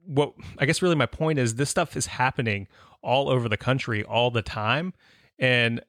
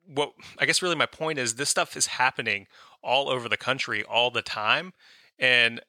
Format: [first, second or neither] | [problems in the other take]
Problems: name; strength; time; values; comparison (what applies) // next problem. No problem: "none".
first | thin; somewhat; fading below 1 kHz